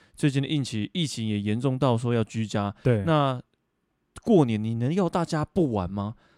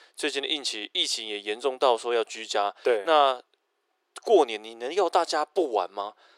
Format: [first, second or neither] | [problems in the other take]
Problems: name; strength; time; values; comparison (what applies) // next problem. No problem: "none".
first | thin; very; fading below 400 Hz